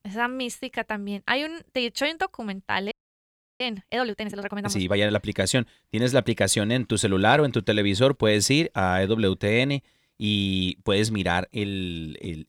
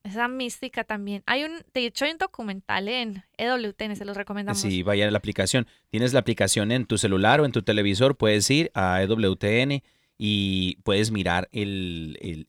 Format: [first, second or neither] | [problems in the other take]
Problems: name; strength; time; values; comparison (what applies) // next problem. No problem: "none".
second | audio freezing; at 3 s for 0.5 s